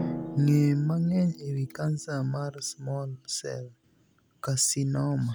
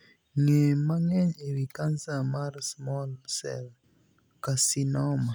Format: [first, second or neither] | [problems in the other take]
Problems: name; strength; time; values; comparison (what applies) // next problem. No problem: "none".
second | background sound (Drum); 13 dB below the speech